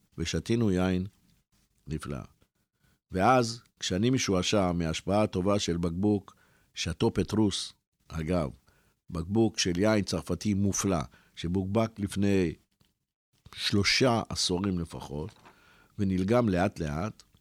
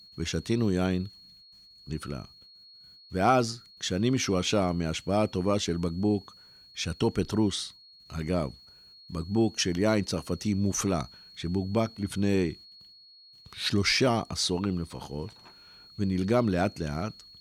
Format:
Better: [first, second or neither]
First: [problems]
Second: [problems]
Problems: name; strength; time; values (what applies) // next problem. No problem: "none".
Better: first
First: none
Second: high-pitched whine; faint; throughout; 4.5 kHz, 20 dB below the speech